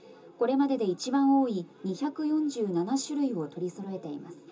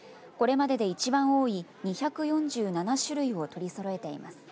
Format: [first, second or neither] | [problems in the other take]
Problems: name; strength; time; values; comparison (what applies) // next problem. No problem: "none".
second | room echo; dies away in 0.2 s